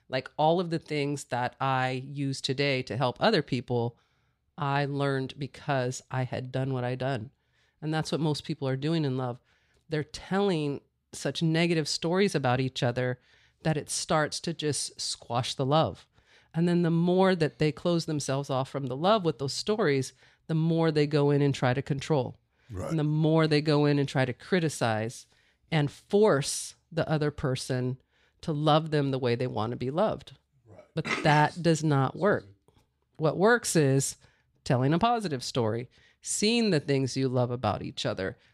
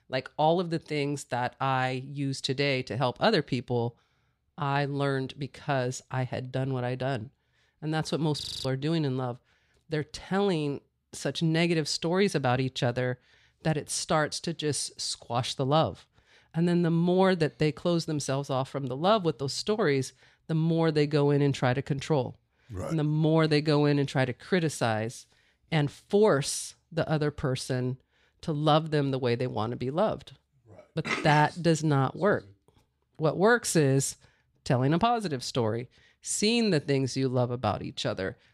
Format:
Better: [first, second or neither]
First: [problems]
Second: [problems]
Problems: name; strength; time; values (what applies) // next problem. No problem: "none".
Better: first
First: none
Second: audio freezing; at 8.5 s